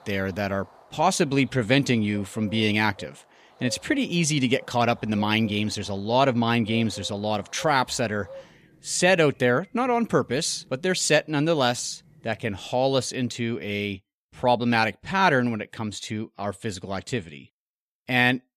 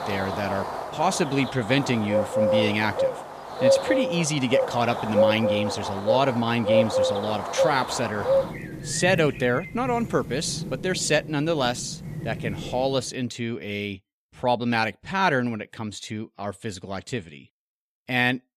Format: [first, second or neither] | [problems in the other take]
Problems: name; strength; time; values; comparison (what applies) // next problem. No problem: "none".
first | animal sounds; loud; until 13 s; 1 dB below the speech; faint in the first